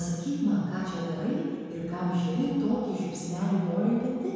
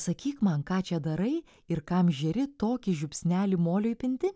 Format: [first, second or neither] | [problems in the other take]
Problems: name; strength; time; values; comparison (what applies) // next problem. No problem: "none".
second | room echo; dies away in 1.9 s